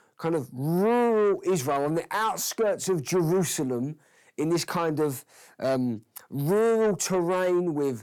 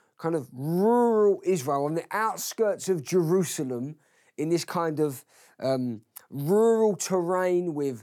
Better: second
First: distortion; slight; 10 dB below the speech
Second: none

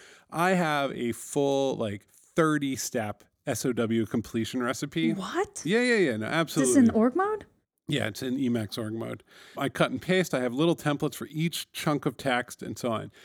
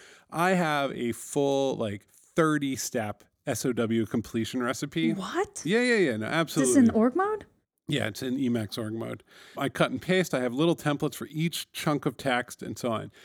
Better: neither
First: none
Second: none

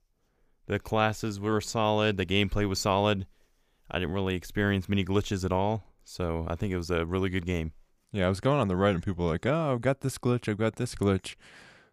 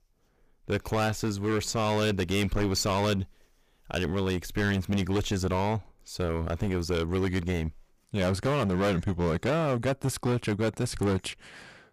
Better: first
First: none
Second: distortion; heavy; 12% of the sound clipped

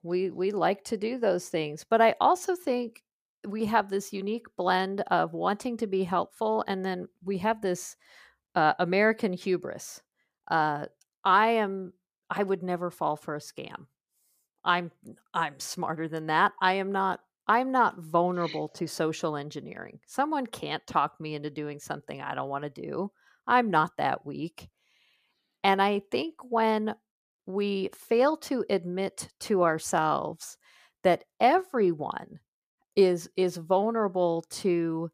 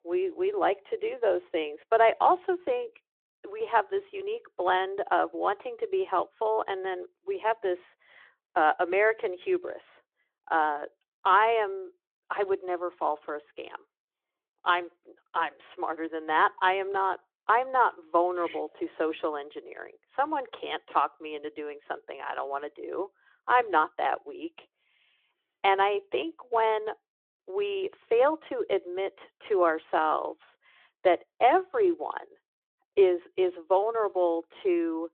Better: first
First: none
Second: phone-call audio

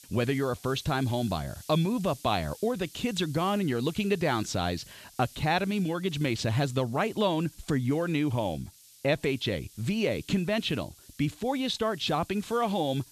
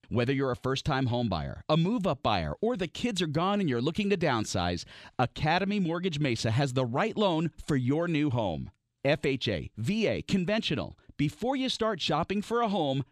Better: second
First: hiss; faint; throughout; 20 dB below the speech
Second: none

